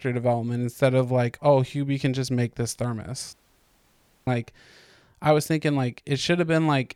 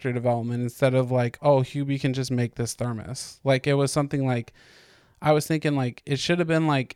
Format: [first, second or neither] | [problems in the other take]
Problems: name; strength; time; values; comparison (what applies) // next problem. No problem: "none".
second | audio cutting out; at 3.5 s for 1 s